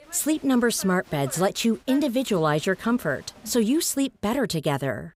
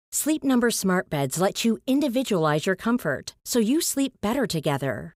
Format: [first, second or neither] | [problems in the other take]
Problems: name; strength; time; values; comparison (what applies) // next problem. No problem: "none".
second | crowd noise; faint; until 4 s; 20 dB below the speech